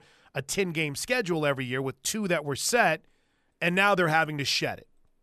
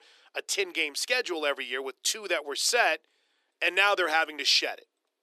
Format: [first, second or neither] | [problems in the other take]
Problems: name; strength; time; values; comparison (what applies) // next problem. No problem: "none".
first | thin; very; fading below 350 Hz